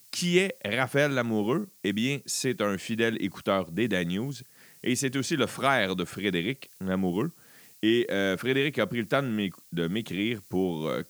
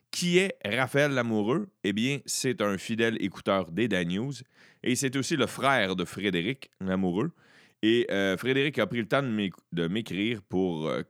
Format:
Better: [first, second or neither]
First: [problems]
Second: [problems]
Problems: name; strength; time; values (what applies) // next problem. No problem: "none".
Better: second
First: hiss; faint; throughout; 25 dB below the speech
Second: none